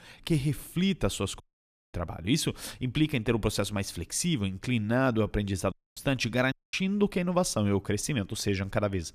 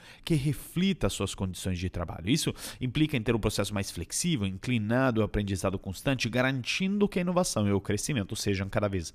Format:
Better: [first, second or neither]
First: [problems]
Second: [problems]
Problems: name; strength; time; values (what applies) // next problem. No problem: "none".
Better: second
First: audio cutting out; at 1.5 s for 0.5 s, at 5.5 s and at 6.5 s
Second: none